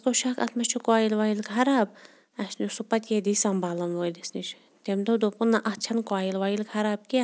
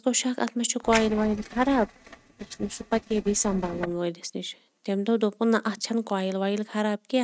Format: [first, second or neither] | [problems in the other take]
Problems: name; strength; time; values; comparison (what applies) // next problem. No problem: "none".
first | noise reduction (neural mask model RNNoise)